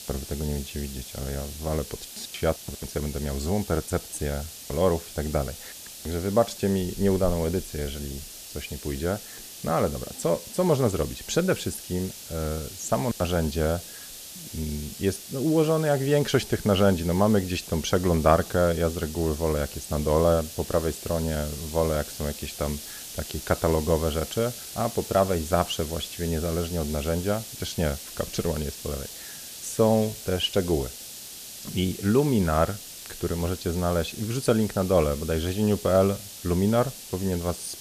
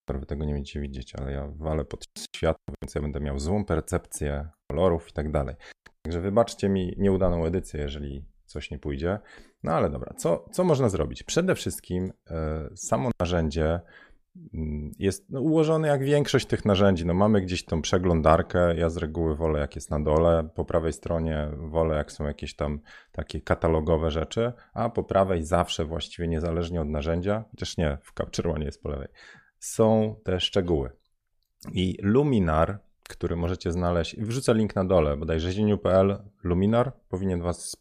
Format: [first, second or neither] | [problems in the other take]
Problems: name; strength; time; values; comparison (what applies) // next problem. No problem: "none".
second | hiss; noticeable; throughout; 10 dB below the speech